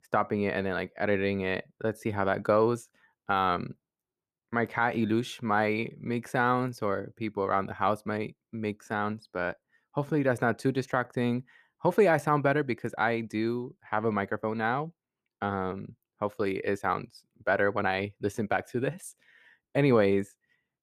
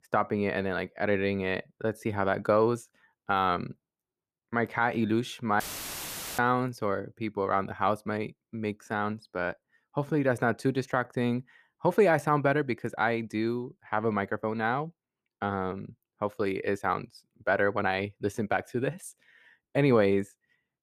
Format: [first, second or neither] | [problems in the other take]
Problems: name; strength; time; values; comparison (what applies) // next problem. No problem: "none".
first | audio cutting out; filled with static; at 5.5 s for 1 s